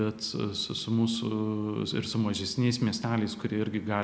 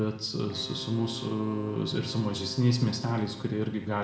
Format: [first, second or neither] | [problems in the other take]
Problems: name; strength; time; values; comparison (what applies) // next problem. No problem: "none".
first | background sound (Wind instrument, woodwind instrument); 16 dB below the speech // room echo; dies away in 0.5 s